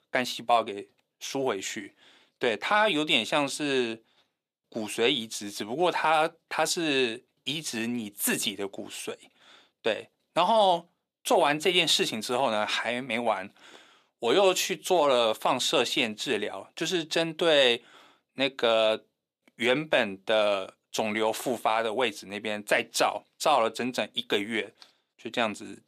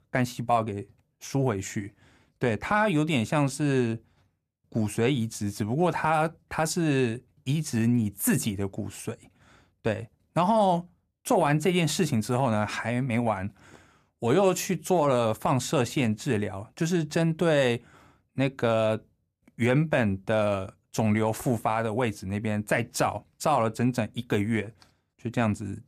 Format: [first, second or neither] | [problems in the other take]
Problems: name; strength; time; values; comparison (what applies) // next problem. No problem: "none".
second | thin; somewhat; fading below 400 Hz